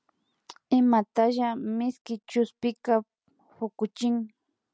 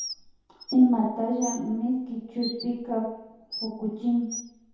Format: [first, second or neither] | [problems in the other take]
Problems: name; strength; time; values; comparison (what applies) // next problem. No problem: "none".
first | background sound (Bird); 14 dB below the speech // room echo; dies away in 0.8 s